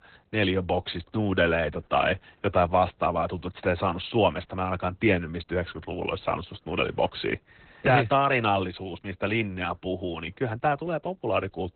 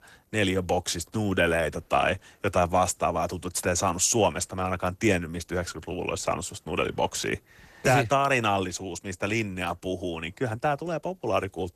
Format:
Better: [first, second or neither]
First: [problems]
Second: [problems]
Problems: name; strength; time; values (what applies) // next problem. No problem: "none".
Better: second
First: garbled, watery; badly; nothing above 4 kHz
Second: garbled, watery; slightly; nothing above 13.5 kHz